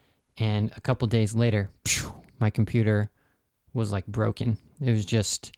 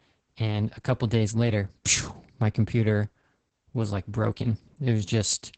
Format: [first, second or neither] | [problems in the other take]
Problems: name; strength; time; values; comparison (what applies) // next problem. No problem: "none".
first | garbled, watery; badly; nothing above 8 kHz; slightly in the first